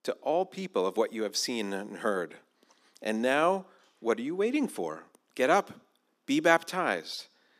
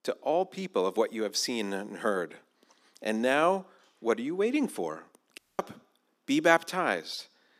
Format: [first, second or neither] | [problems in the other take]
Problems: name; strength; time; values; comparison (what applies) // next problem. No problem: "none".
first | audio cutting out; at 5.5 s